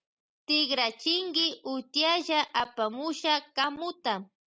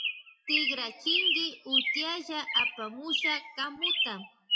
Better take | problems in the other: first | noise reduction (classical method WPE with log-MMSE)

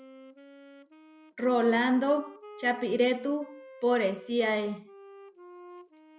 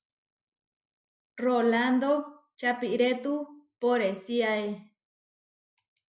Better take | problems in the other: second | background sound (Wind instrument, woodwind instrument); 19 dB below the speech

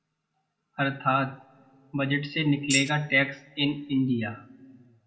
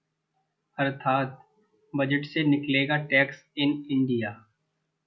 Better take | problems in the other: second | background sound (Tambourine); 5 dB below the speech // room echo; dies away in 0.5 s

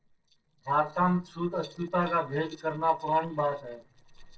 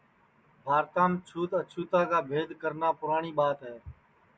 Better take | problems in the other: second | noise reduction (neural separator model SepFormer DNS4)

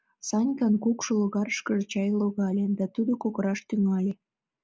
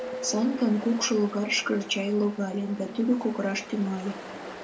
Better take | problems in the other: first | background sound (Ocean); 12 dB below the speech // room echo; dies away in 0.2 s

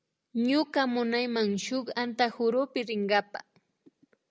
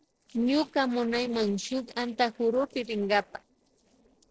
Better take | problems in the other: first | noise reduction (neural separator model SepFormer DNS4)

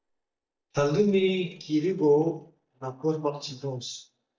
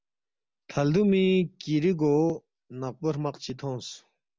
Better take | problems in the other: second | noise reduction (neural mask model DeepFilterNet 3)

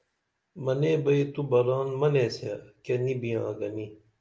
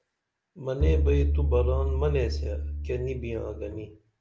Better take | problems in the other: first | background sound (Bowed string instrument); 4 dB above the speech

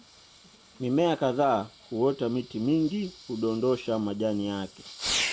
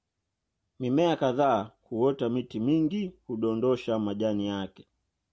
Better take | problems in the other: second | background sound (Fireworks); 11 dB below the speech

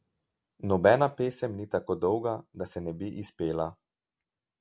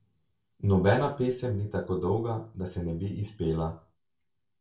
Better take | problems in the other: first | room echo; dies away in 0.3 s

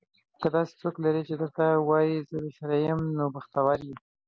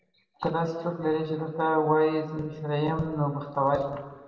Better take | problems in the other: first | room echo; dies away in 1.7 s

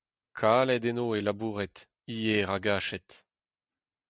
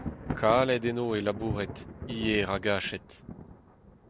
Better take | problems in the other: first | background sound (Thunder); 9 dB below the speech

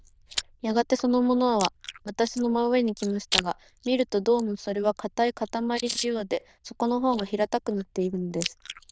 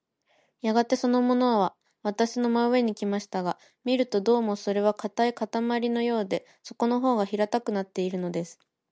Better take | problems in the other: second | noise reduction (neural diffusion model UNIVERSE++)

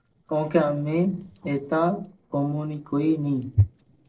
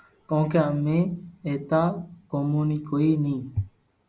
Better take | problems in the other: second | noise reduction (neural separator model SepFormer DNS4)

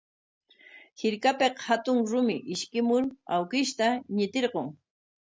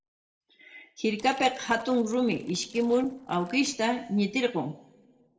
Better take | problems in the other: first | noise reduction (neural separator model SepFormer DNS4)

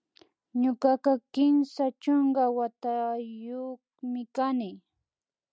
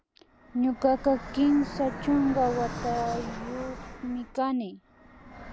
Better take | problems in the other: first | background sound (Fixed-wing aircraft, airplane); 11 dB below the speech

